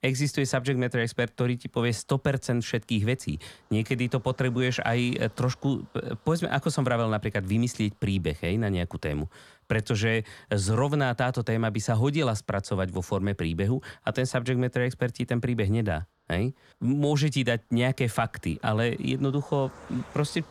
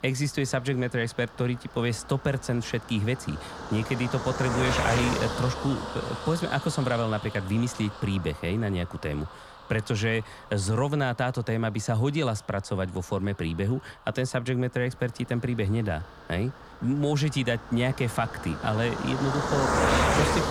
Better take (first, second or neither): first